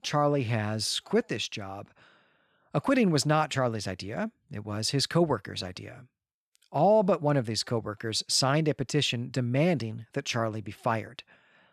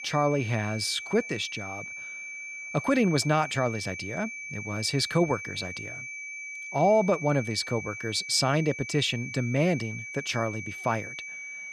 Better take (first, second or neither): first